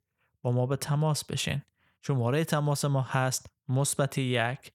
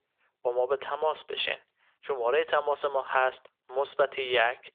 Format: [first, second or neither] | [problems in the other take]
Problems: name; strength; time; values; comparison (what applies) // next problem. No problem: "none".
first | phone-call audio; nothing above 3.5 kHz